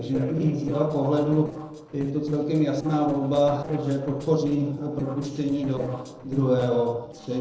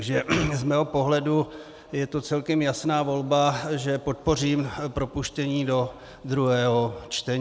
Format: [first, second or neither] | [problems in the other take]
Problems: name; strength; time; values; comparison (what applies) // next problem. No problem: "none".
second | noise reduction (neural separator model SepFormer DNS4)